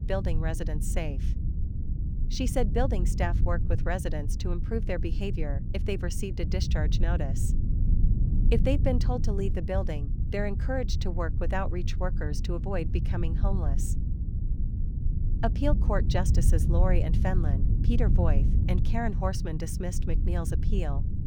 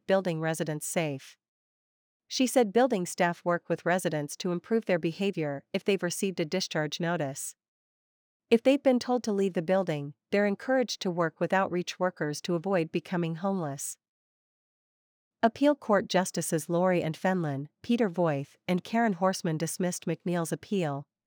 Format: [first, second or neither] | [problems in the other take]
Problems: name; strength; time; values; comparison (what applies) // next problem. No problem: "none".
second | low rumble; loud; throughout; 9 dB below the speech